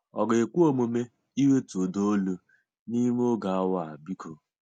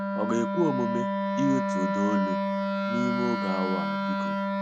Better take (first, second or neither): first